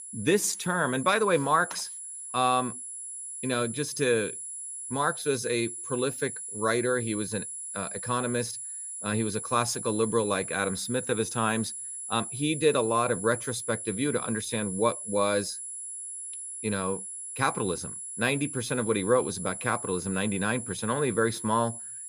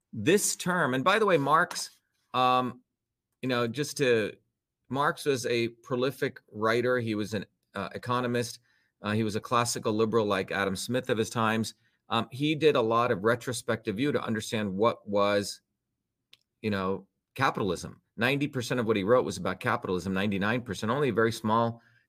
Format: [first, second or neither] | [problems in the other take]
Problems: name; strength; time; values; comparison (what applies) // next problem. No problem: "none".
second | high-pitched whine; loud; throughout; 10.5 kHz, 7 dB below the speech